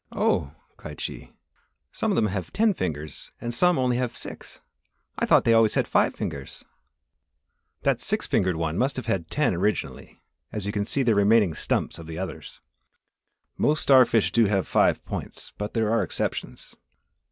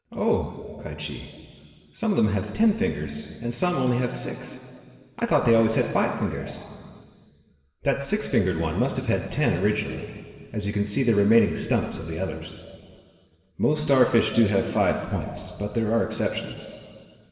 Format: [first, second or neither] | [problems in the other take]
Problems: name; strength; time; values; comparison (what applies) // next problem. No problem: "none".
first | room echo; dies away in 2.5 s